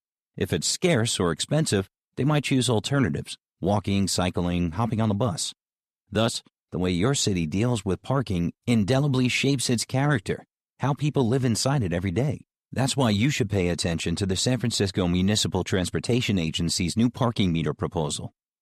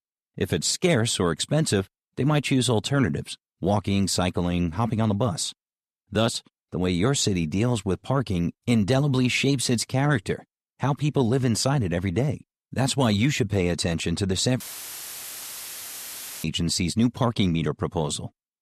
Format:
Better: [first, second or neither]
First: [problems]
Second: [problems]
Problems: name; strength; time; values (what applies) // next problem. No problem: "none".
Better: first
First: none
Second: audio cutting out; filled with static; at 15 s for 2 s